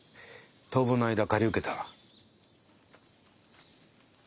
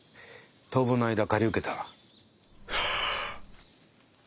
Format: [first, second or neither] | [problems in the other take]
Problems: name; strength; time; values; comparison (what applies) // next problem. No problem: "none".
first | background sound (Breathing); 1 dB below the speech